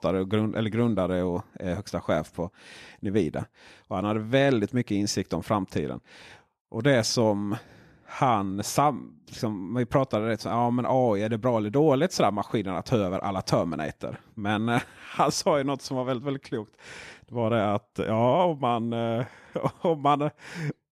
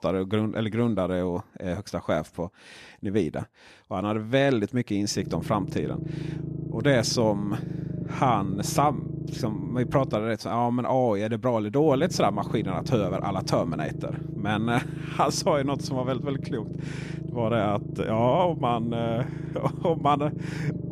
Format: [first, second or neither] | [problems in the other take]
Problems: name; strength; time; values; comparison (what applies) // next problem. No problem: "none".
first | low rumble; noticeable; from 5 to 10 s and from 12 s on; 15 dB below the speech